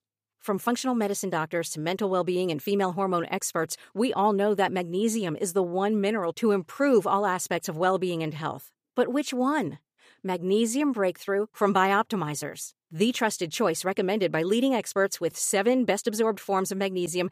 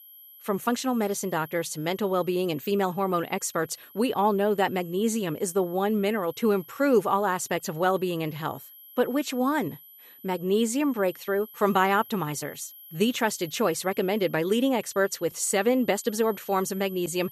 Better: first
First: none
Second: high-pitched whine; noticeable; throughout; 12 kHz, 20 dB below the speech

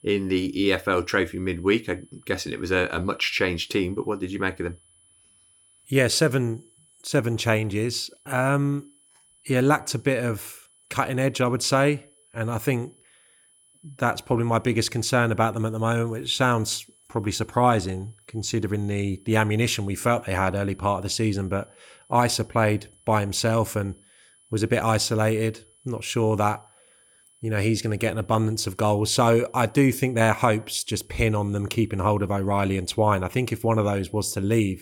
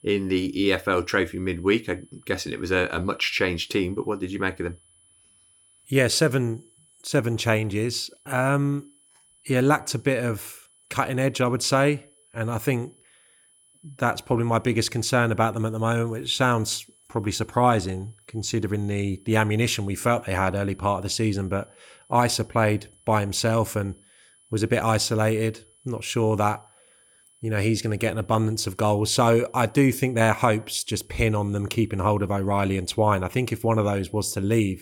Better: neither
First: high-pitched whine; faint; throughout; 10 kHz, 30 dB below the speech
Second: high-pitched whine; faint; throughout; 10 kHz, 30 dB below the speech

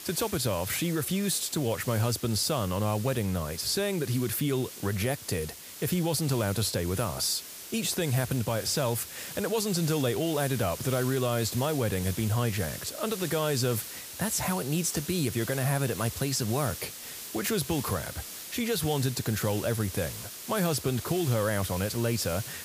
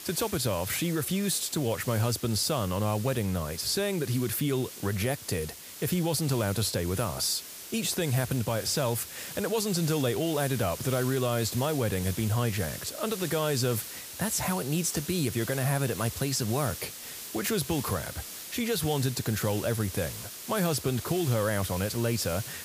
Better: neither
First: hiss; loud; throughout; 10 dB below the speech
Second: hiss; loud; throughout; 10 dB below the speech

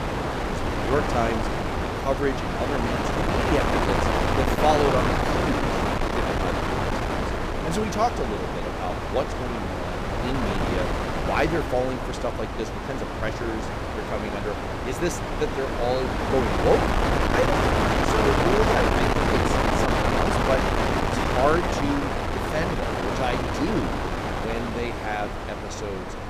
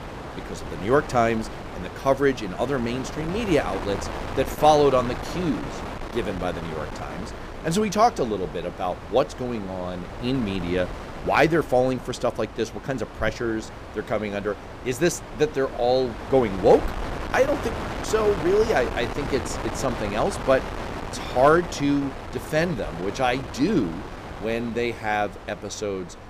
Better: second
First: wind noise on the microphone; heavy; 3 dB above the speech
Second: wind noise on the microphone; occasional gusts; 10 dB below the speech

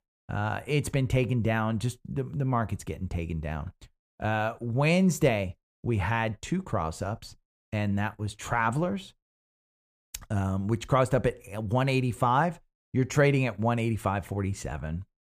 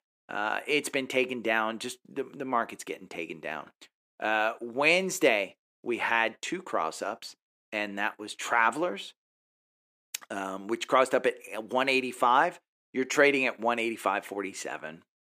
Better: first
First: none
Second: thin; somewhat; fading below 300 Hz

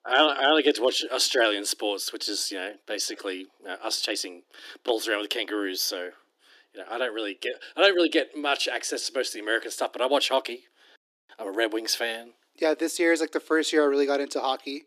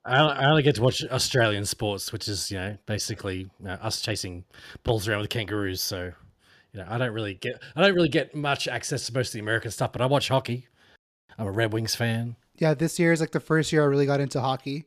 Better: second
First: thin; somewhat; fading below 300 Hz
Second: none

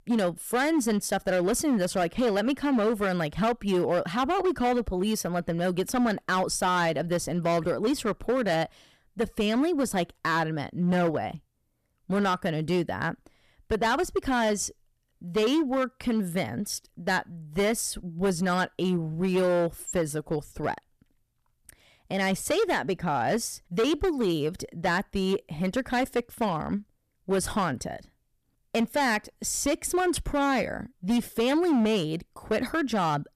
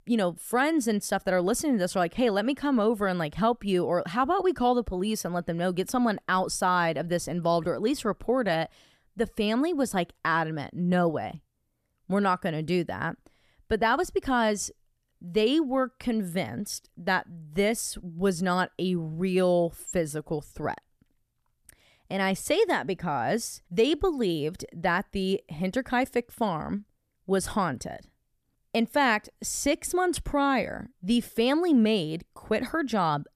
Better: second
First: distortion; slight; 9% of the sound clipped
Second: none

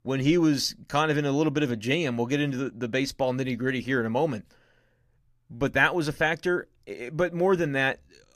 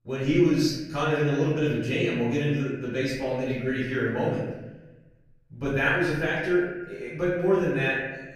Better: first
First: none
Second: off-mic speech; far // room echo; noticeable; dies away in 1.1 s

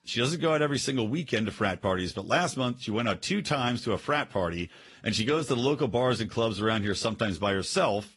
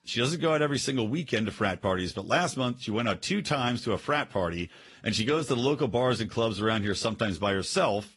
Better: neither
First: garbled, watery; slightly; nothing above 11 kHz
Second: garbled, watery; slightly; nothing above 11 kHz

